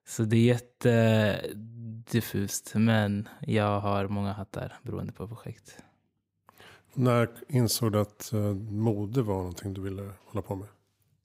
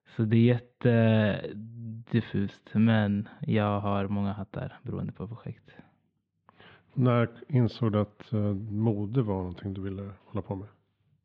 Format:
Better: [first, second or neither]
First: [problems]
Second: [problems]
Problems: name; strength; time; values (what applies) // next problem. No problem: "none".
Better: first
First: none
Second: muffled; very; fading above 3.5 kHz